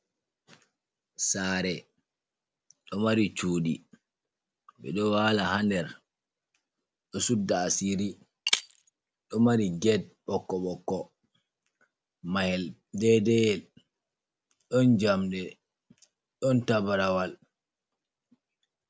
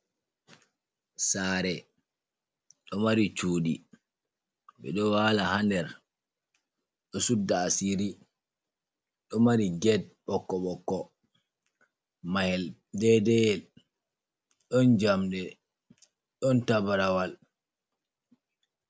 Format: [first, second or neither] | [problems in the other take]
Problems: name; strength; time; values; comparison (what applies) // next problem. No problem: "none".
second | background sound (Shatter); 7 dB below the speech